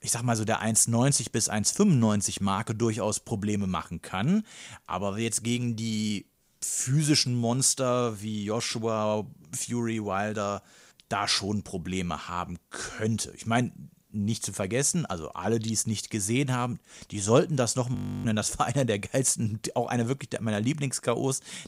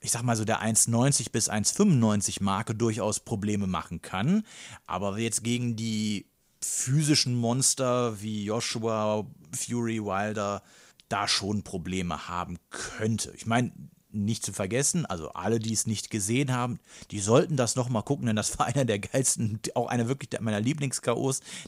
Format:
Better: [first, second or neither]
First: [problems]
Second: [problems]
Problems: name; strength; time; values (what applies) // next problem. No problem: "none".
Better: second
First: audio freezing; at 18 s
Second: none